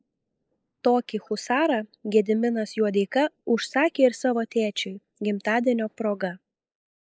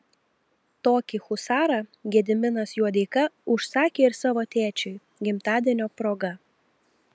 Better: second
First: noise reduction (neural mask model Resemble Enhance denoiser)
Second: none

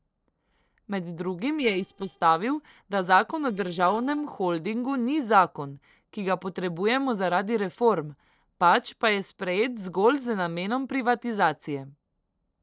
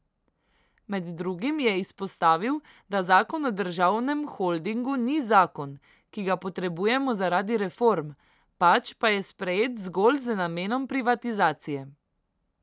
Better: second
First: noise reduction (neural separator model SepFormer DNS4)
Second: none

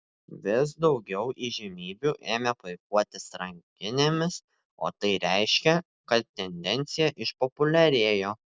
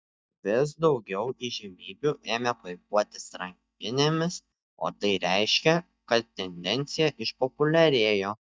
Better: first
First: none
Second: noise reduction (neural mask model DeepFilterNet 3)

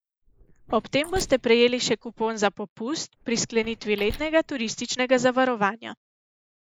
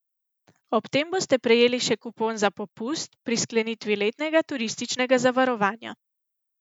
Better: second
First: noise reduction (neural mask model Resemble Enhance denoiser)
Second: none

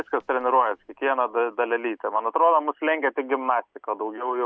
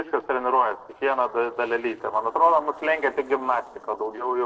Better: first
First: none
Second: noise reduction (neural separator model SepFormer DNS4)

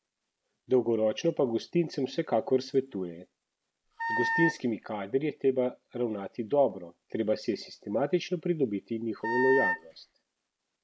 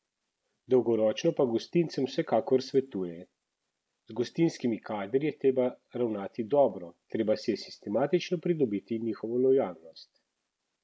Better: second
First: background sound (Wind instrument, woodwind instrument); 1 dB below the speech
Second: none

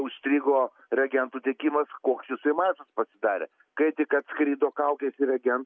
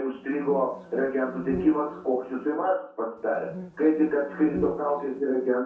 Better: first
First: none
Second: background sound (Insect); 12 dB below the speech // room echo; dies away in 0.5 s

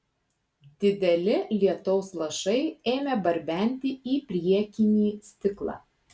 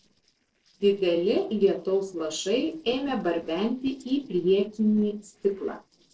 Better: first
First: none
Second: noise reduction (neural separator model SepFormer DNS4)

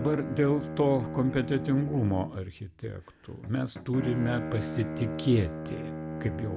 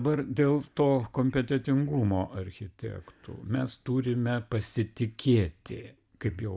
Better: second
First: background sound (Bowed string instrument); 7 dB below the speech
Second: none

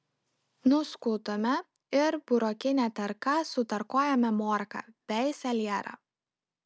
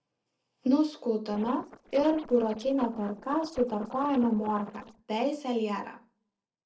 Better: first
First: none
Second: noise reduction (neural separator model SepFormer DNS4)

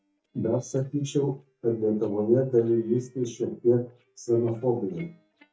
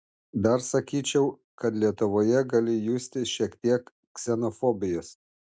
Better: second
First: noise reduction (neural mask model DeepFilterNet 3)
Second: none

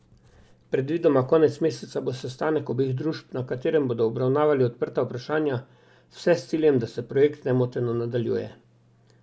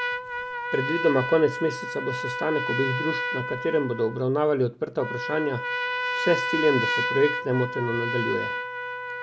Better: first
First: none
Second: background sound (Trumpet); 3 dB below the speech

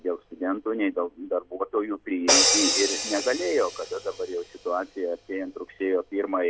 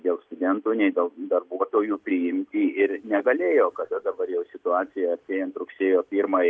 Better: second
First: background sound (Crash cymbal); 2 dB below the speech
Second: none

